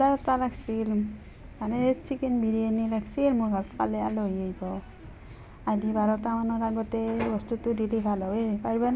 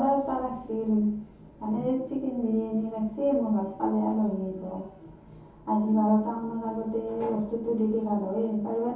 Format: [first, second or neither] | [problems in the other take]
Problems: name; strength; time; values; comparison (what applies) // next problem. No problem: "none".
first | room echo; dies away in 0.6 s